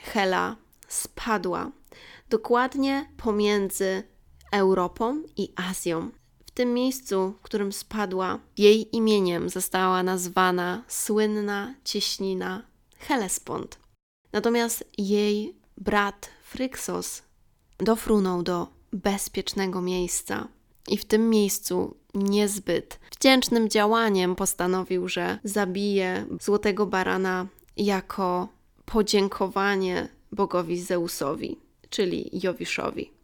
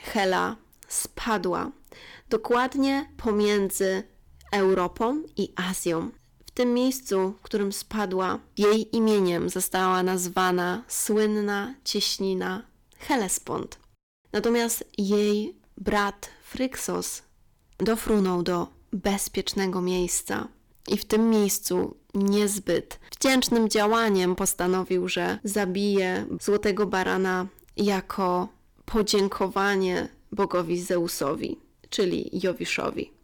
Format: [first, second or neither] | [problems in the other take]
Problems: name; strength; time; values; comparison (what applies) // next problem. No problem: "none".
first | distortion; slight; 4% of the sound clipped